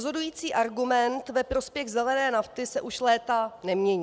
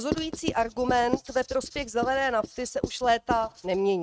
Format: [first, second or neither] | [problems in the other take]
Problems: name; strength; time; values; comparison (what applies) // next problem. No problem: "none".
first | noise reduction (neural mask model RNNoise)